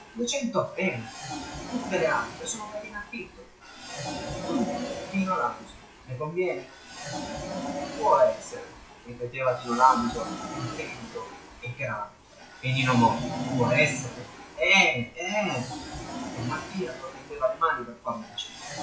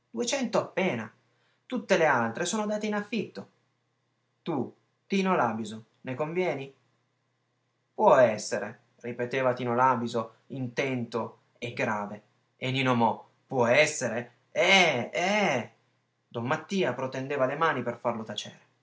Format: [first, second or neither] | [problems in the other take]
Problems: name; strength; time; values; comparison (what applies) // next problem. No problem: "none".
second | noise reduction (classical method WPE with log-MMSE)